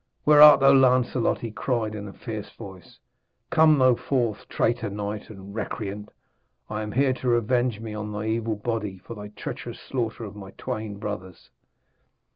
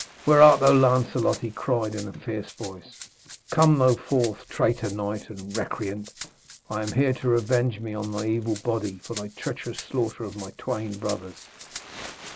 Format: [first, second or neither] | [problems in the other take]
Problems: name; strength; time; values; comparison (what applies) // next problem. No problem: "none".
first | background sound (Rattle (instrument) + Crumpling, crinkling); 18 dB below the speech